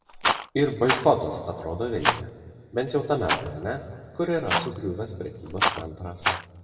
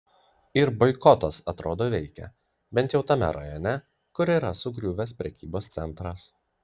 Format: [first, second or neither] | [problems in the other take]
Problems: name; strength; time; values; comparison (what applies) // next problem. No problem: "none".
second | background sound (Rattle); 3 dB below the speech // room echo; dies away in 1.9 s